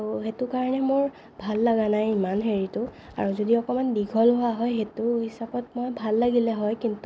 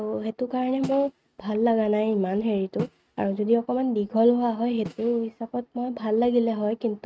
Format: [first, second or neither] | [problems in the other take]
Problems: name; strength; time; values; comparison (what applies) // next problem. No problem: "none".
first | noise reduction (neural mask model RNNoise)